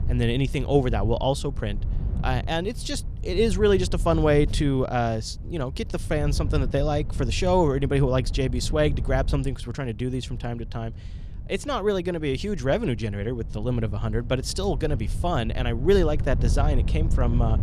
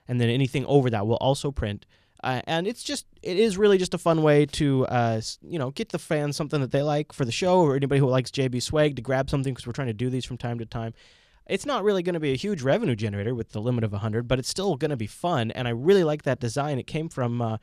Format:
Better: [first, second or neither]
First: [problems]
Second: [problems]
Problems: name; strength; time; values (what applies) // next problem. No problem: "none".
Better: second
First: wind noise on the microphone; occasional gusts; 20 dB below the speech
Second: none